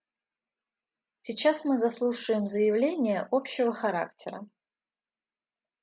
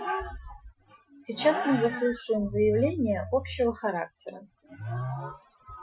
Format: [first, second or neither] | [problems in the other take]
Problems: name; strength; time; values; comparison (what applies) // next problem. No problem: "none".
first | noise reduction (classical method Wiener filter)